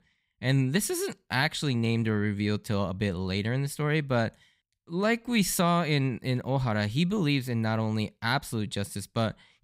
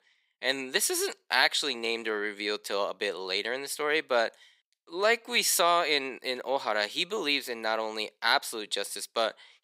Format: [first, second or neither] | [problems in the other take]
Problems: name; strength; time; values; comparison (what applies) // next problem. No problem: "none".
first | thin; very; fading below 400 Hz